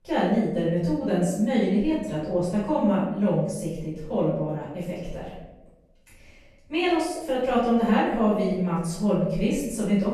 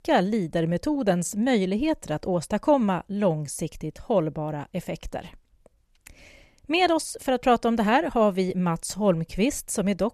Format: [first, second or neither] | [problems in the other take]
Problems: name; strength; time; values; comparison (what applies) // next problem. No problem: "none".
second | room echo; noticeable; dies away in 0.9 s // off-mic speech; far